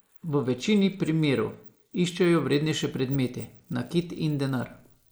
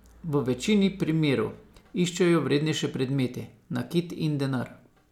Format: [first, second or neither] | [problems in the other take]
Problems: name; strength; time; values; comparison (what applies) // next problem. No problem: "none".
second | noise reduction (neural mask model Resemble Enhance denoiser)